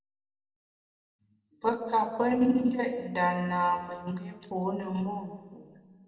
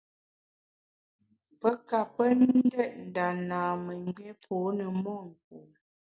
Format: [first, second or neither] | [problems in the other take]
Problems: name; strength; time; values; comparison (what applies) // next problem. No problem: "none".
second | room echo; dies away in 1.8 s